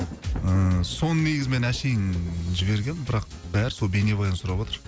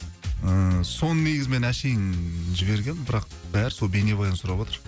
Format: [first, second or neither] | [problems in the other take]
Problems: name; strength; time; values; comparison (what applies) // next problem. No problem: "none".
second | background sound (Thunder); 17 dB below the speech